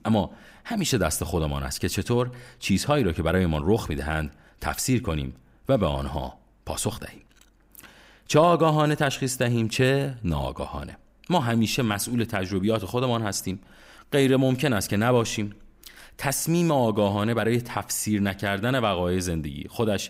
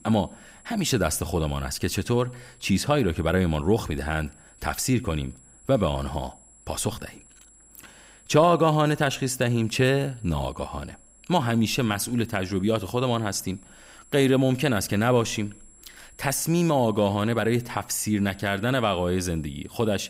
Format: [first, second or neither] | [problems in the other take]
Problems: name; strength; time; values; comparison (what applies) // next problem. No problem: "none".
first | high-pitched whine; faint; throughout; 7.5 kHz, 25 dB below the speech